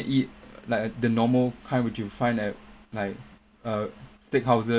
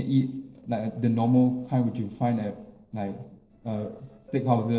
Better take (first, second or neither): first